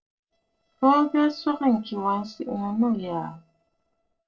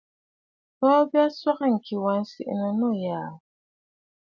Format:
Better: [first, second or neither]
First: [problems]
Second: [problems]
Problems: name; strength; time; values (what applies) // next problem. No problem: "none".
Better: second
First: noise reduction (neural separator model SepFormer DNS4)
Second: none